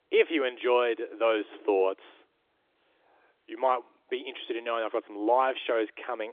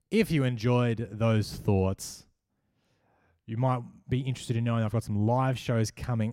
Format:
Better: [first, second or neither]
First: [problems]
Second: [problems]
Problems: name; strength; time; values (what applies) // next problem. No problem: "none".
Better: second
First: phone-call audio; nothing above 3.5 kHz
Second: none